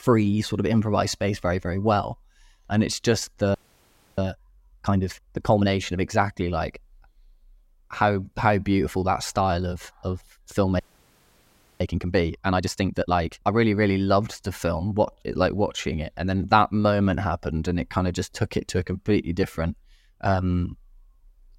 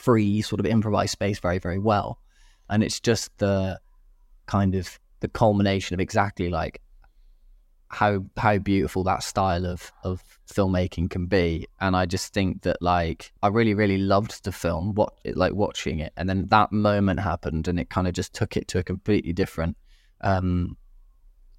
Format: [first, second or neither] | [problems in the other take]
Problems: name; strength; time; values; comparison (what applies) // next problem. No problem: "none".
second | audio freezing; at 3.5 s for 0.5 s and at 11 s for 1 s